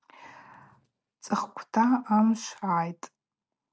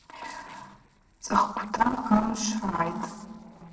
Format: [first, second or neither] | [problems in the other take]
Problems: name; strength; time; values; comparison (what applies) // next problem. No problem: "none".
first | noise reduction (neural separator model SepFormer DNS4)